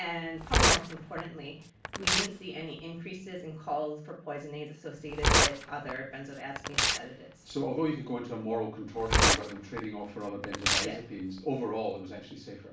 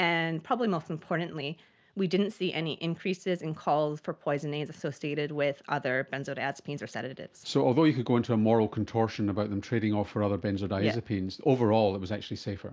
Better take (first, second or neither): second